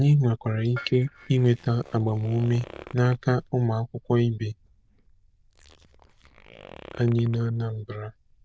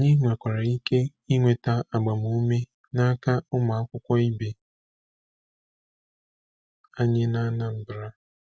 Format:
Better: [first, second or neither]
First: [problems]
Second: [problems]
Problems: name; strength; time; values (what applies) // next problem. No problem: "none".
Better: second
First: noise reduction (neural diffusion model UNIVERSE++)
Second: none